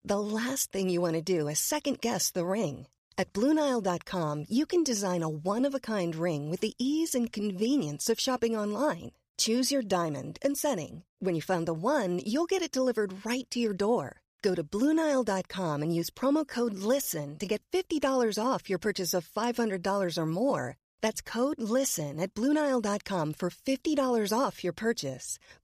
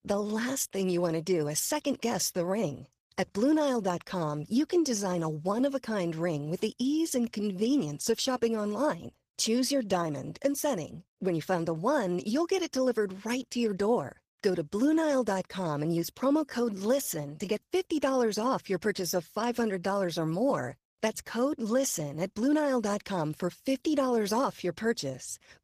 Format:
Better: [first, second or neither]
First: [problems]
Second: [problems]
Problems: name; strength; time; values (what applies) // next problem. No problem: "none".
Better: first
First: none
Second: garbled, watery; slightly; nothing above 14.5 kHz